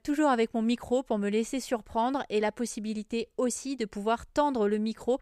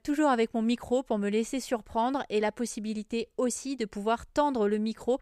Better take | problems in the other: neither | none

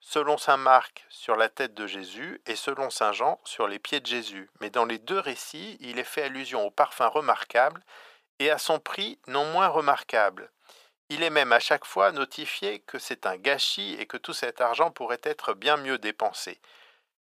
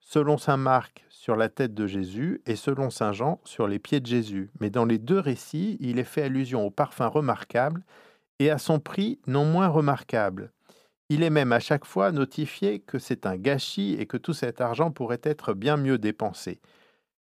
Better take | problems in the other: second | thin; very; fading below 750 Hz

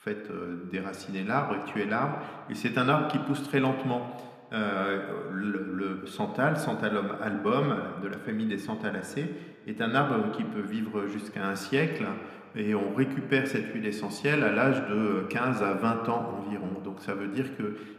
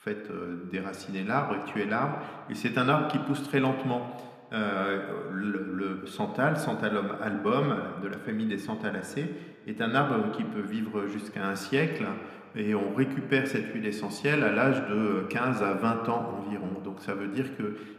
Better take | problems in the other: neither | room echo; slight; dies away in 1.5 s; the same in both

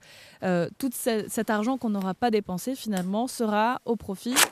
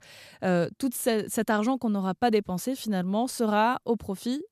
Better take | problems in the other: second | household noises; loud; throughout; 1 dB below the speech

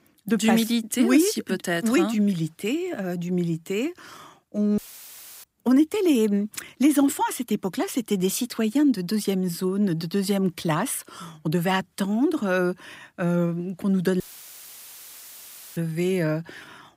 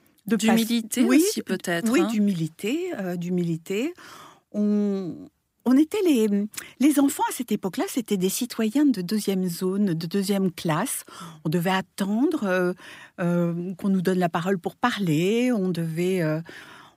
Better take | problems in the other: second | audio cutting out; filled with static; at 5 s for 0.5 s and at 14 s for 1.5 s

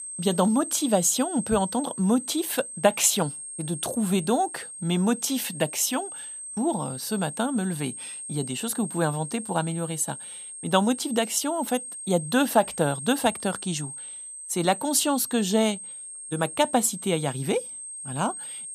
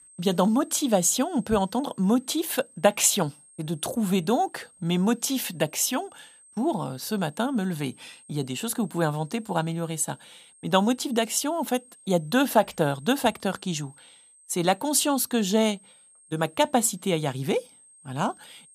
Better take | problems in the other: second | high-pitched whine; loud; throughout; 8.5 kHz, 9 dB below the speech; faint in the second

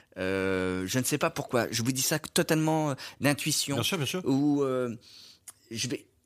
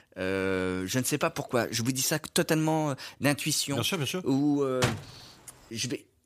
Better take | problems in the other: first | door banging; noticeable; at 5 s; peak 3 dB below the speech

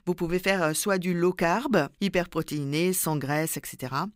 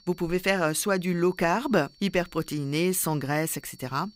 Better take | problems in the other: first | high-pitched whine; faint; throughout; 4.5 kHz, 30 dB below the speech

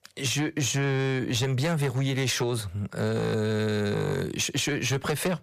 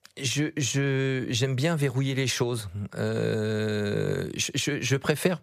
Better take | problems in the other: second | distortion; slight; 10 dB below the speech

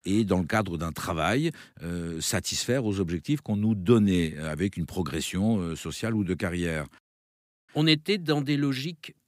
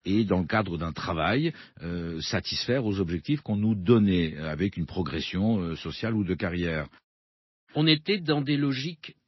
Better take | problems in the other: first | garbled, watery; slightly; nothing above 5.5 kHz

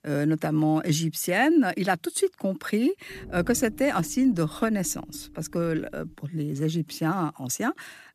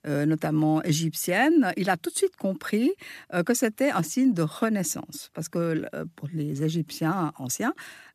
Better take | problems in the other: second | low rumble; faint; from 3 to 6 s; 20 dB below the speech

